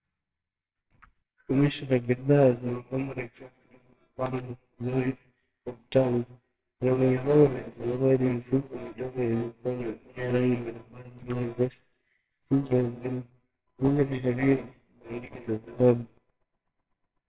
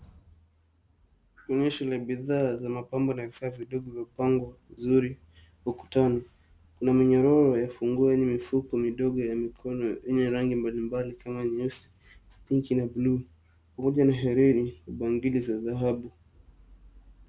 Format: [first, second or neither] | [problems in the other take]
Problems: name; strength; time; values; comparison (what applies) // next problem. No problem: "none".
second | noise reduction (neural separator model SepFormer WHAMR!)